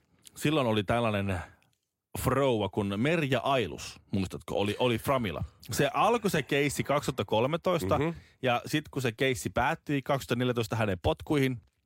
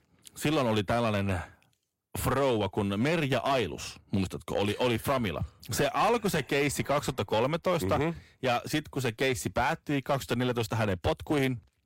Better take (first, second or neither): first